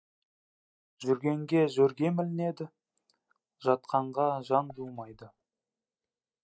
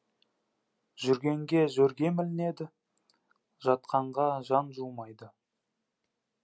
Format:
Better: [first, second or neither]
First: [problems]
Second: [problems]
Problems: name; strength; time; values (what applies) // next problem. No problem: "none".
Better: second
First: noise reduction (neural mask model DeepFilterNet 3)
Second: none